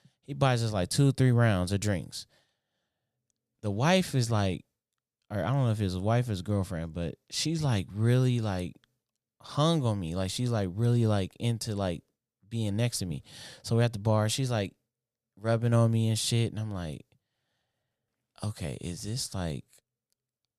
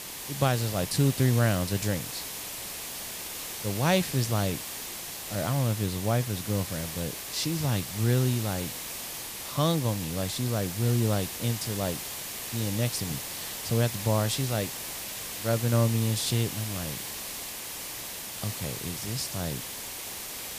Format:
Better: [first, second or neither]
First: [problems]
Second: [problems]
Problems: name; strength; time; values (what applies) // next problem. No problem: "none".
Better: first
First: none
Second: hiss; loud; throughout; 6 dB below the speech